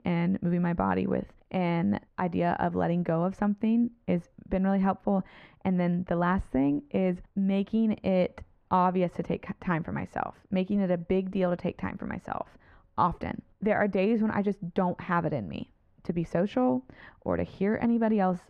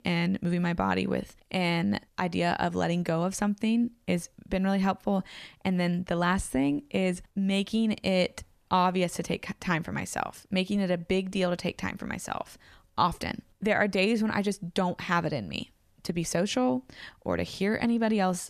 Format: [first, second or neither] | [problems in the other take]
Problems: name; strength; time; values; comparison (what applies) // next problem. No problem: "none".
second | muffled; very; fading above 3.5 kHz